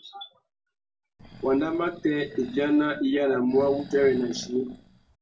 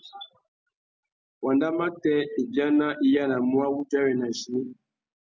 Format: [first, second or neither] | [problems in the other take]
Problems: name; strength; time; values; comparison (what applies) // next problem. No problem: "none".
second | background sound (Animal); 18 dB below the speech // room echo; dies away in 0.2 s